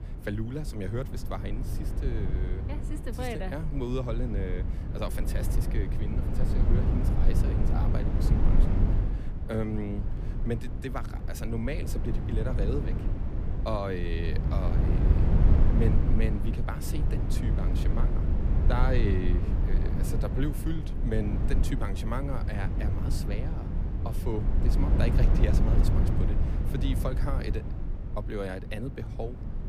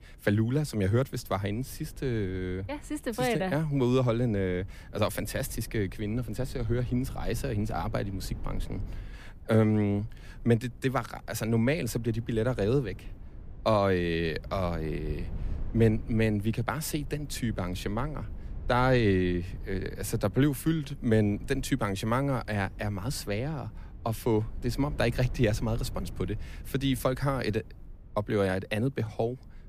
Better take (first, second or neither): second